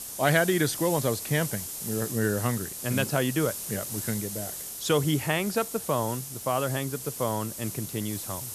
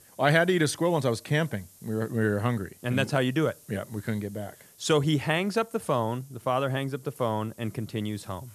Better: second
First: hiss; loud; throughout; 6 dB below the speech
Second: hiss; faint; throughout; 25 dB below the speech

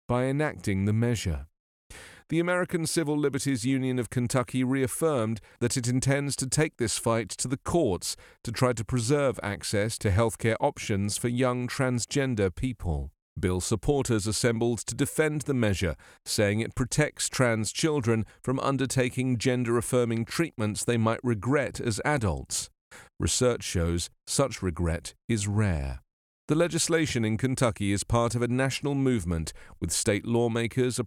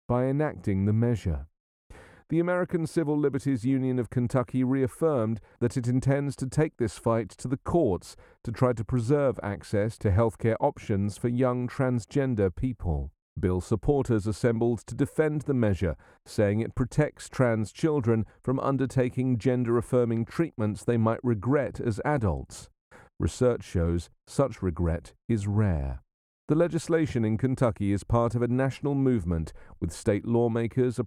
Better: first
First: none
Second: muffled; slightly; fading above 2 kHz

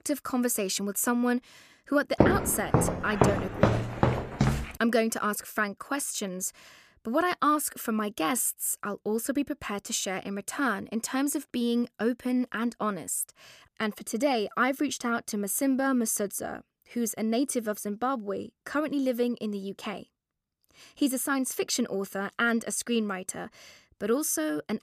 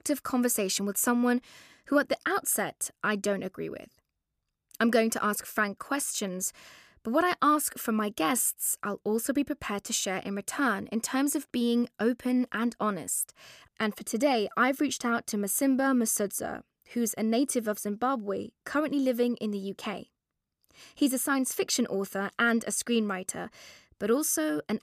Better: second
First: footsteps; loud; from 2 to 4.5 s; peak 5 dB above the speech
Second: none

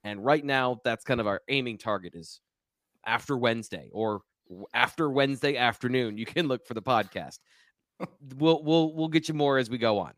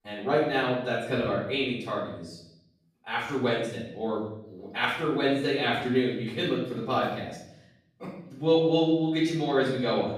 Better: first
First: none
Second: room echo; noticeable; dies away in 0.8 s // off-mic speech; far

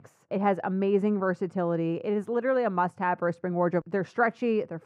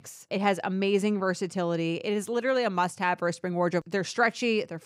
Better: second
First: muffled; very; fading above 2.5 kHz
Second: none

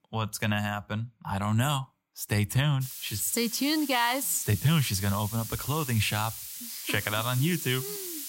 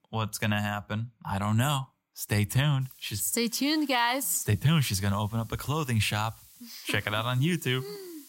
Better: second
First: hiss; loud; from 3 s on; 8 dB below the speech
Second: hiss; faint; from 3 s on; 25 dB below the speech

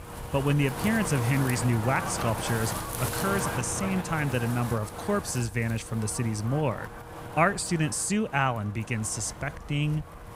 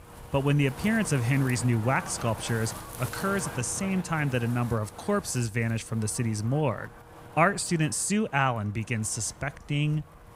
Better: second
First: wind noise on the microphone; heavy; 5 dB below the speech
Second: wind noise on the microphone; occasional gusts; 10 dB below the speech

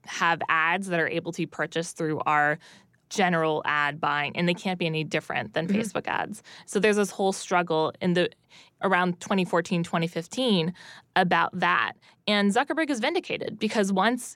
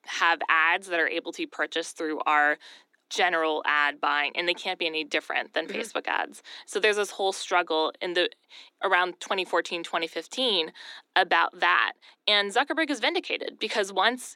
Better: first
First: none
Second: thin; somewhat; fading below 300 Hz

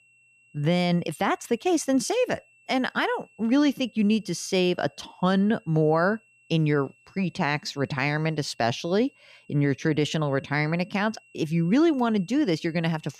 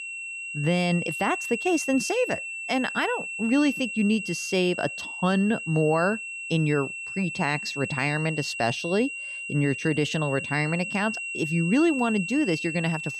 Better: first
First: high-pitched whine; faint; throughout; 2.5 kHz, 30 dB below the speech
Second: high-pitched whine; loud; throughout; 2.5 kHz, 5 dB below the speech

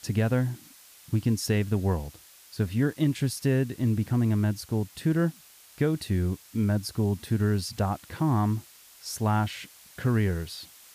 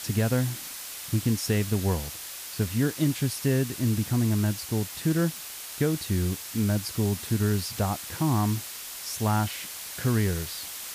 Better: first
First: hiss; faint; throughout; 20 dB below the speech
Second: hiss; loud; throughout; 8 dB below the speech

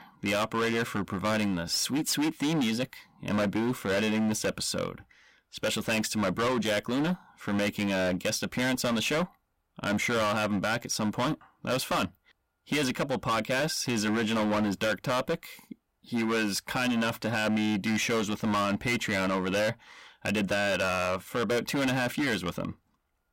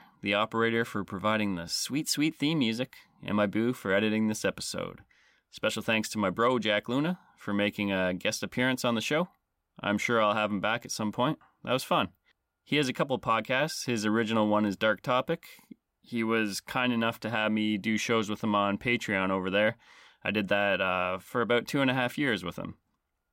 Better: second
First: distortion; heavy; 20% of the sound clipped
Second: none

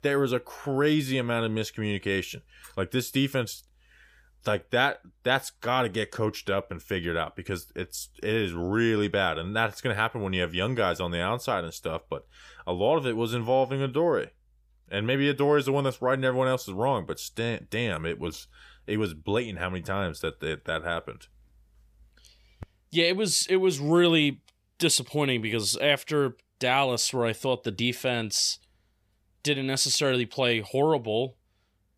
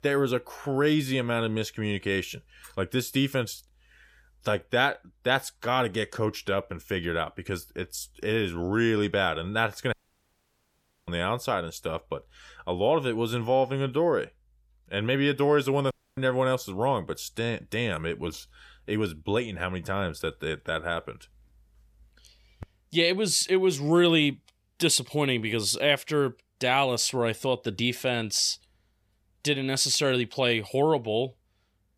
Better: first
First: none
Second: audio cutting out; at 10 s for 1 s and at 16 s

